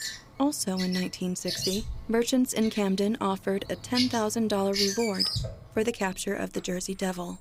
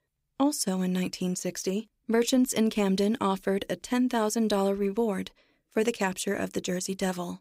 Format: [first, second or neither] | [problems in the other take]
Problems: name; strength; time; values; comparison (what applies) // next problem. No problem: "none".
second | animal sounds; loud; throughout; 3 dB below the speech